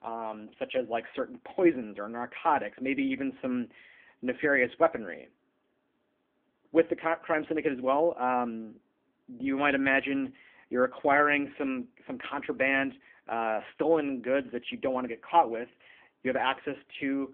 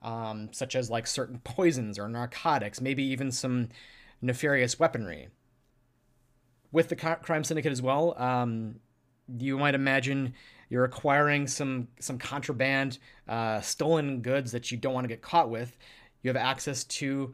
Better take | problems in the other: second | phone-call audio

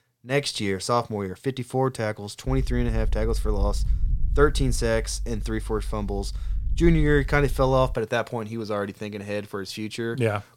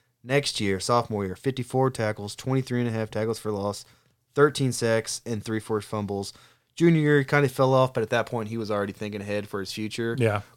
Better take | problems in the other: second | low rumble; faint; from 2.5 to 8 s; 25 dB below the speech

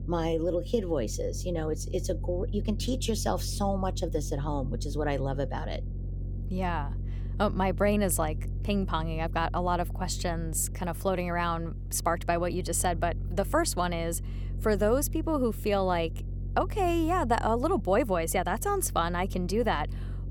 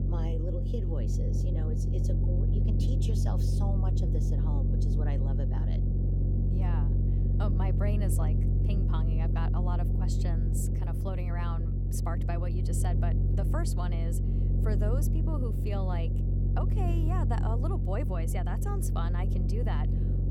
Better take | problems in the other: first | low rumble; loud; throughout; 1 dB below the speech; faint in the first

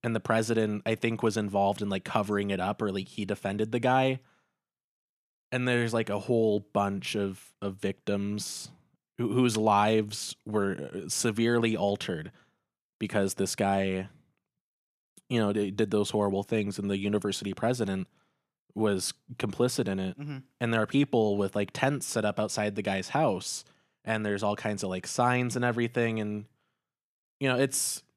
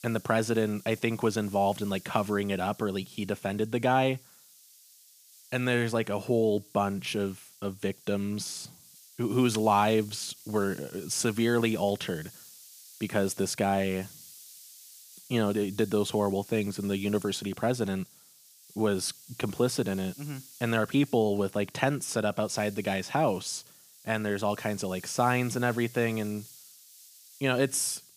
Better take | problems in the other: first | hiss; faint; throughout; 20 dB below the speech

